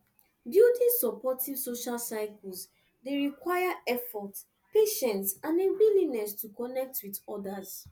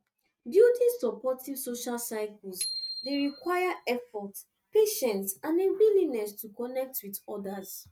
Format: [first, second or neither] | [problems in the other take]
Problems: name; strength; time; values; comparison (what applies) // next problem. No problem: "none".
first | noise reduction (neural mask model RNNoise)